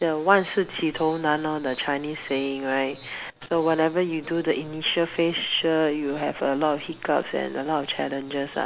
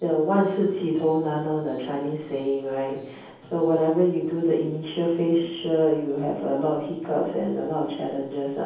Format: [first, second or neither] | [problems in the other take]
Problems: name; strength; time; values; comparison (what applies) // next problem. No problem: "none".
first | room echo; dies away in 0.9 s